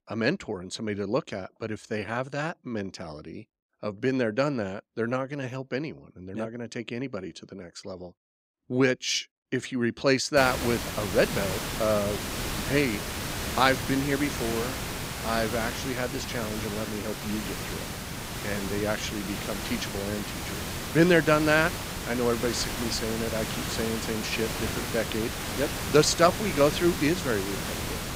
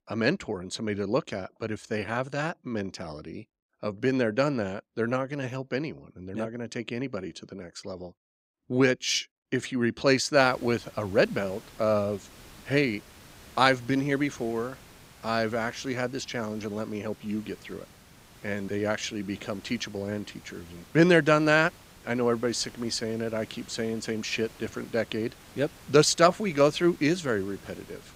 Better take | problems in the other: second | hiss; loud; from 10 s on; 4 dB below the speech; faint in the second

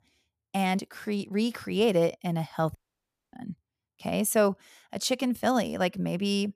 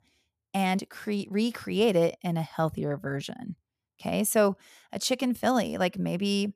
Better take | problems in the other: second | audio cutting out; at 3 s for 0.5 s

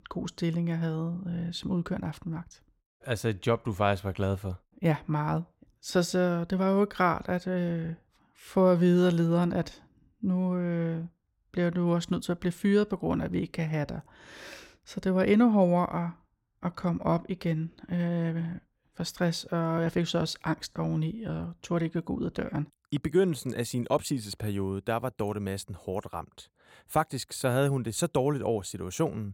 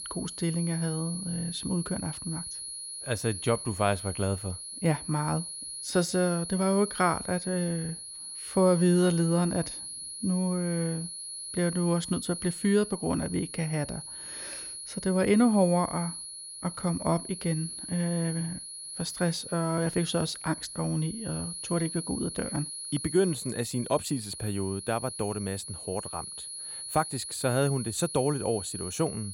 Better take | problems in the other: first | high-pitched whine; loud; throughout; 10.5 kHz, 7 dB below the speech

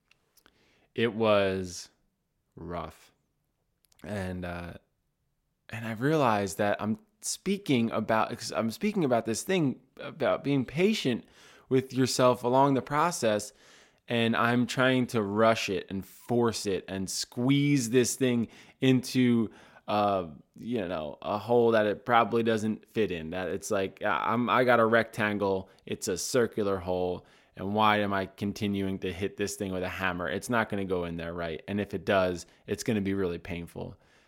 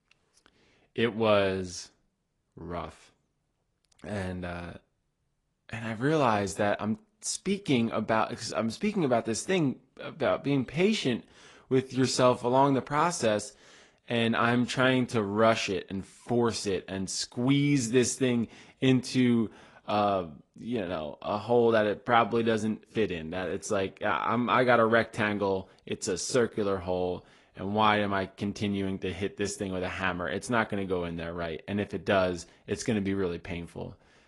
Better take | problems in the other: first | garbled, watery; slightly; nothing above 10.5 kHz

